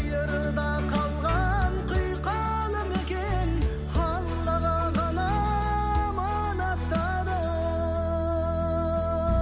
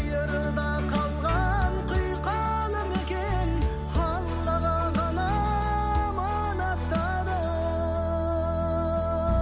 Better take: first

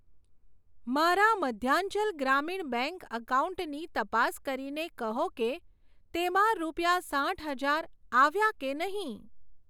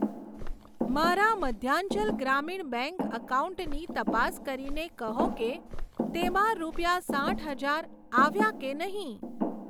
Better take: first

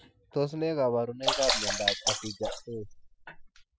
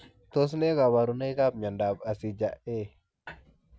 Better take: second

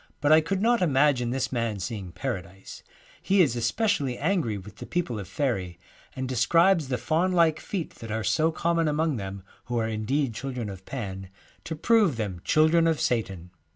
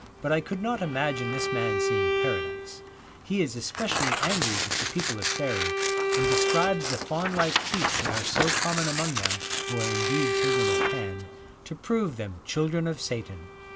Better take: first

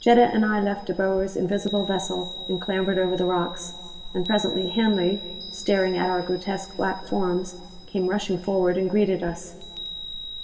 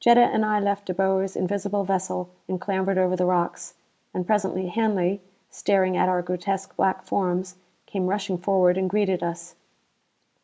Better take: second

